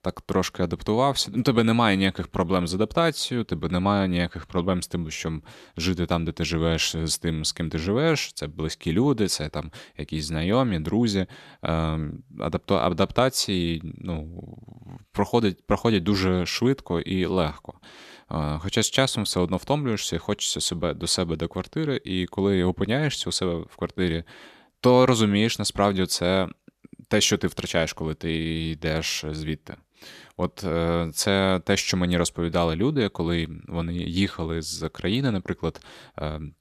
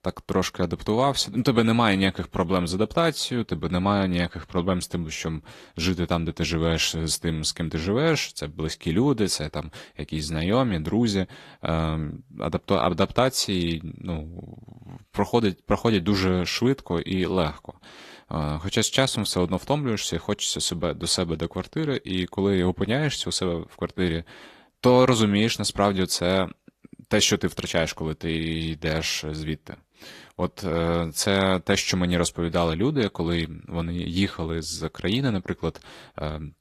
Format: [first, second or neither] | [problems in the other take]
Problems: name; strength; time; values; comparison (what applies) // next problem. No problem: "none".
first | garbled, watery; slightly; nothing above 14 kHz